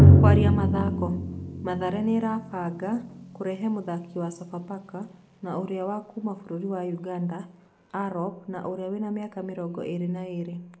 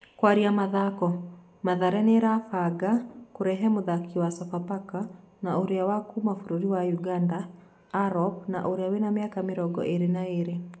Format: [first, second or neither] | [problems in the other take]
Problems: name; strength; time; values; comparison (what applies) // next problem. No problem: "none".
second | background sound (Drum); 5 dB above the speech